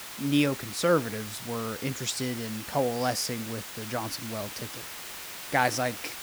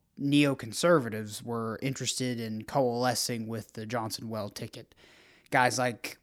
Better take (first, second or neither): second